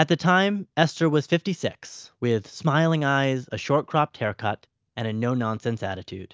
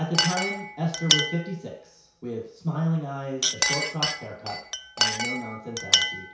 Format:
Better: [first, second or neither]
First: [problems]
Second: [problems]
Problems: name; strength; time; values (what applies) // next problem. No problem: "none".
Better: first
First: none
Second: background sound (Chink, clink); 2 dB above the speech // room echo; dies away in 0.6 s